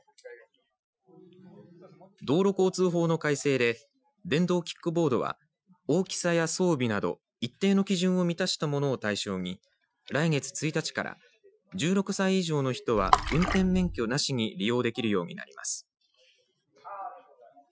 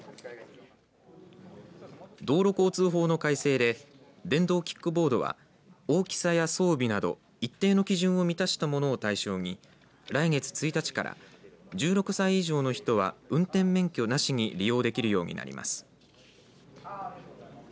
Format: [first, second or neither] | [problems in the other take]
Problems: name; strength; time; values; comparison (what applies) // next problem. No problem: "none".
second | noise reduction (classical method Wiener filter)